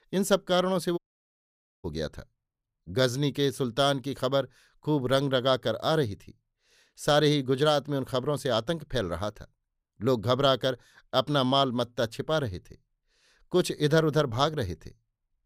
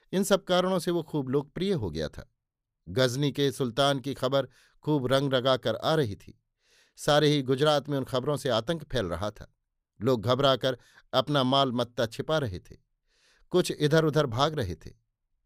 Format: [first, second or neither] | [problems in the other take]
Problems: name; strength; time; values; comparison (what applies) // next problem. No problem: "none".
second | audio cutting out; at 1 s for 1 s